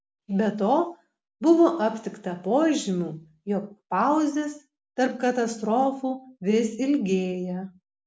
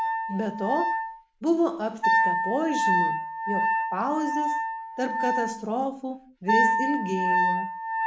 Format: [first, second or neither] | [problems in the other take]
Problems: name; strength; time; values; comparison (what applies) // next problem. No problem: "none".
first | background sound (Wind instrument, woodwind instrument); 3 dB above the speech